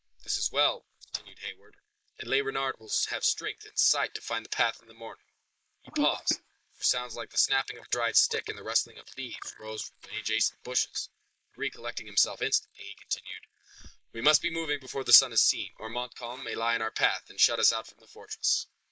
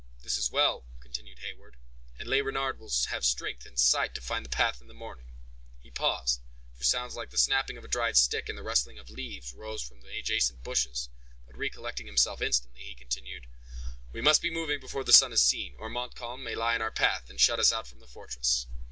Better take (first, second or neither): second